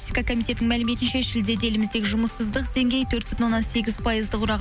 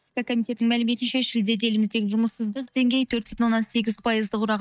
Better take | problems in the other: first | noise reduction (neural mask model DeepFilterNet 3)

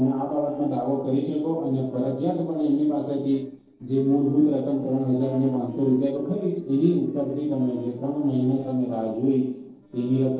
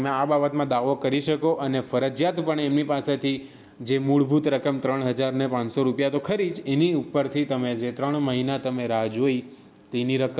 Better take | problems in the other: second | noise reduction (neural separator model SepFormer DNS4)

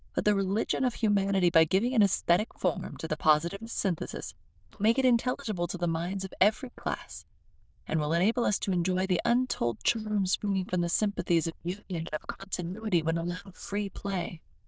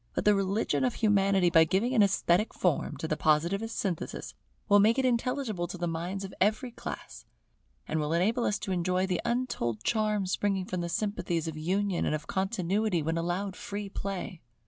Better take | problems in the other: second | noise reduction (neural diffusion model UNIVERSE++)

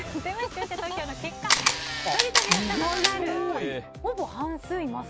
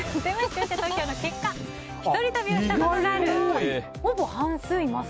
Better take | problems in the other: second | background sound (Camera); 4 dB above the speech

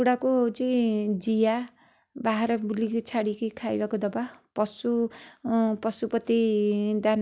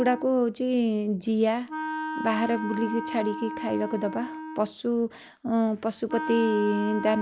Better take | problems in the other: first | background sound (Wind instrument, woodwind instrument); 9 dB below the speech

